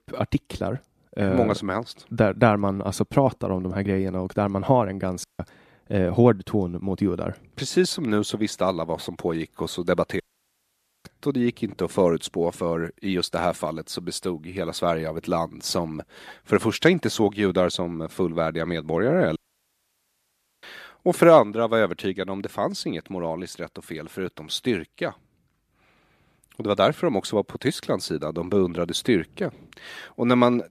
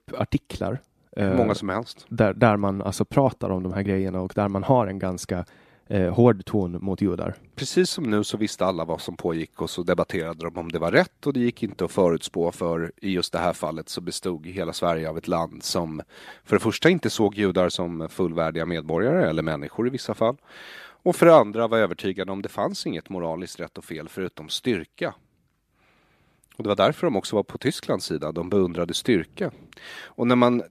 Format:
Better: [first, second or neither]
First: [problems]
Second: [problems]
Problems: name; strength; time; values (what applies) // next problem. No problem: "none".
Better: second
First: audio cutting out; at 5 s, at 10 s for 1 s and at 19 s for 1.5 s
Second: none